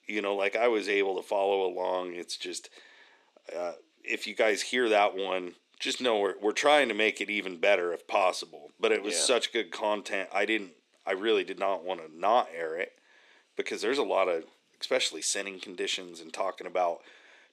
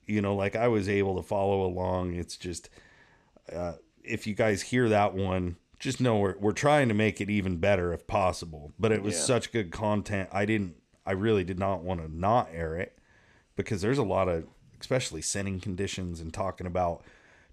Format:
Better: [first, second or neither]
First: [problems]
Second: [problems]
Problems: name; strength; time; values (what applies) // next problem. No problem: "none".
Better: second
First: thin; somewhat; fading below 300 Hz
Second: none